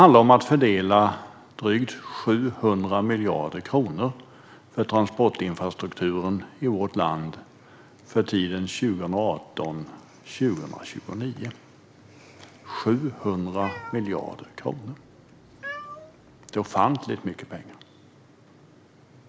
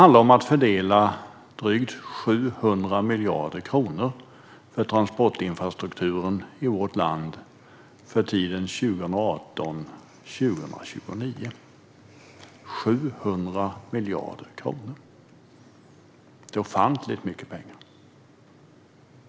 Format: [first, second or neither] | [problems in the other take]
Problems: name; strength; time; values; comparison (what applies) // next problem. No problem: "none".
second | background sound (Cat); 18 dB below the speech